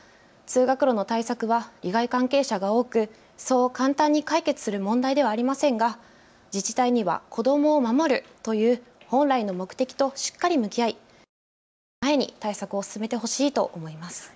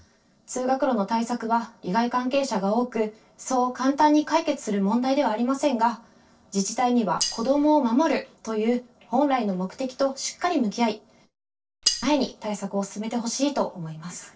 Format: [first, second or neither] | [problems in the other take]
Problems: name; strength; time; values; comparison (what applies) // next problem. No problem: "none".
first | noise reduction (neural separator model SepFormer DNS4)